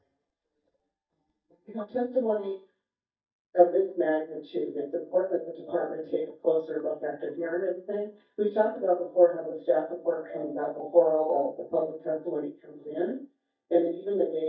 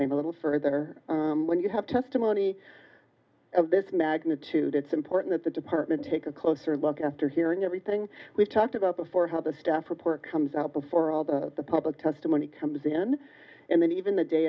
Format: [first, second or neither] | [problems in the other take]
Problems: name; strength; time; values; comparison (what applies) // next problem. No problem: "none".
second | noise reduction (neural mask model DeepFilterNet 3)